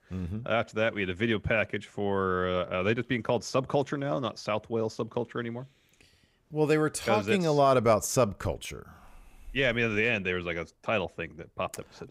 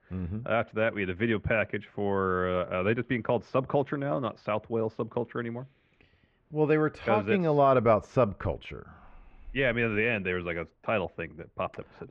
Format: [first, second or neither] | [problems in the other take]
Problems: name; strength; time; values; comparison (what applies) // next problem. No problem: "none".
first | muffled; very; fading above 2.5 kHz